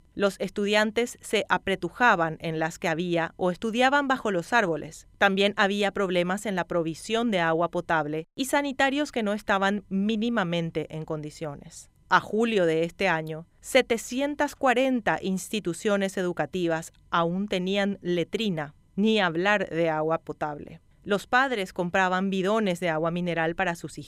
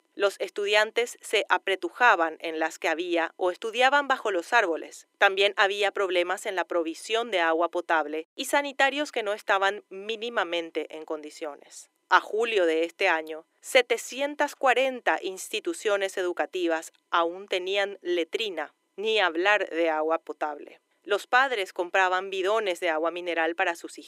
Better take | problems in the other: first | thin; very; fading below 350 Hz

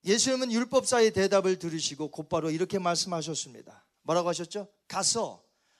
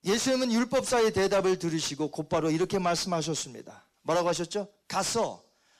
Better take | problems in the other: first | distortion; heavy; 7 dB below the speech

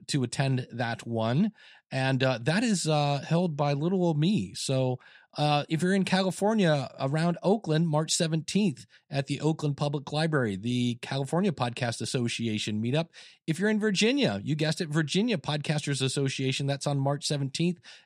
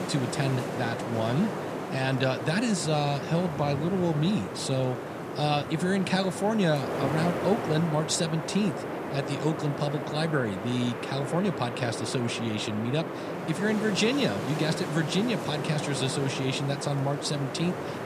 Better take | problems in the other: first | wind noise on the microphone; heavy; 3 dB below the speech

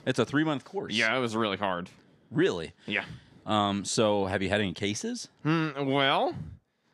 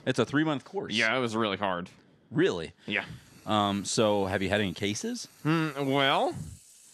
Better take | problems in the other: first | household noises; faint; from 3 s on; 25 dB below the speech

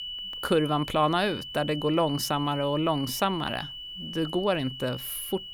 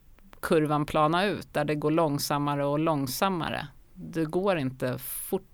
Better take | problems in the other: second | high-pitched whine; loud; throughout; 3 kHz, 9 dB below the speech

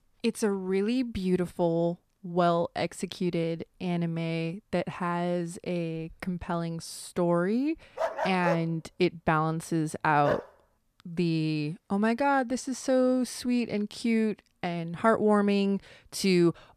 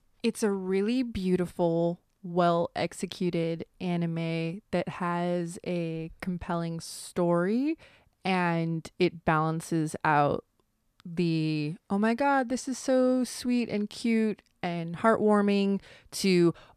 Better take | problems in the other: second | dog barking; noticeable; from 8 to 10 s; peak 3 dB below the speech

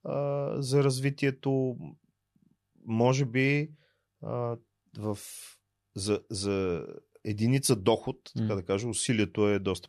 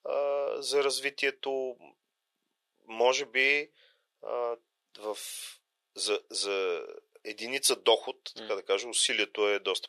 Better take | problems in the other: first | thin; very; fading below 450 Hz

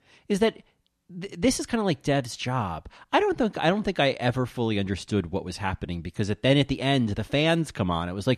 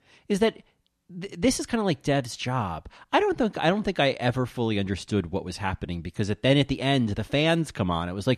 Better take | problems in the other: neither | none

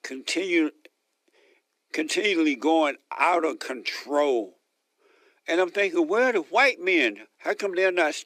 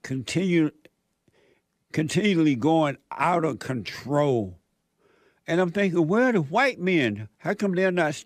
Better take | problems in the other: second | thin; somewhat; fading below 300 Hz

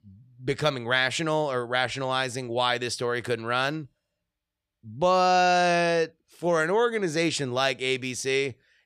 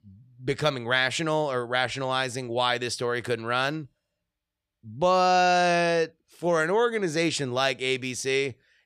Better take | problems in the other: neither | none

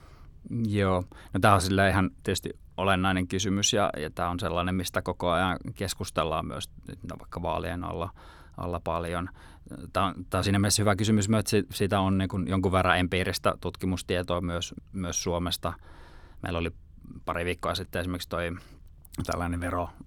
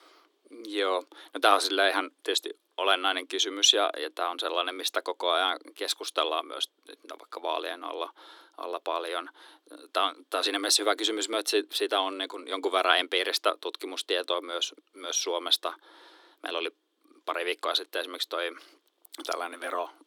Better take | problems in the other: first | thin; very; fading below 300 Hz

